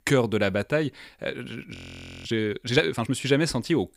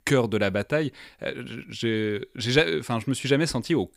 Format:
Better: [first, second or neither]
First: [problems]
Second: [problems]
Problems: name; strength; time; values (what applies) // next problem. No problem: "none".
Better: second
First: audio freezing; at 1.5 s for 0.5 s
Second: none